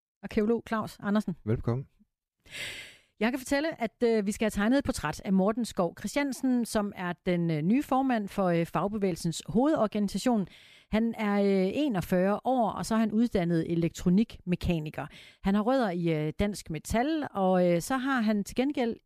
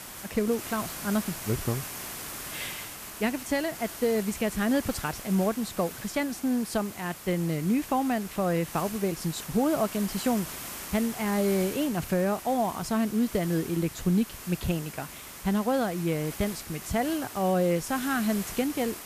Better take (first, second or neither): first